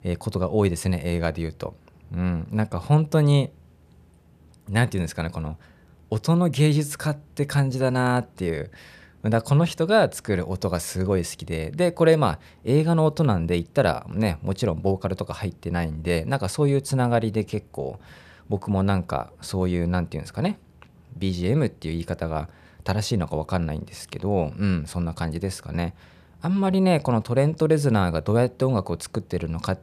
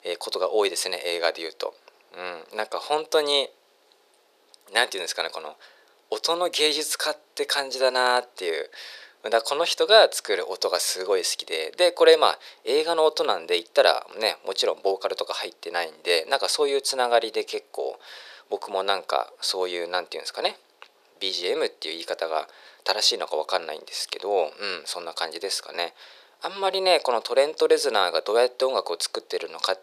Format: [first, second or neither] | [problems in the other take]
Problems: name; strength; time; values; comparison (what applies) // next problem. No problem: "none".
first | thin; very; fading below 400 Hz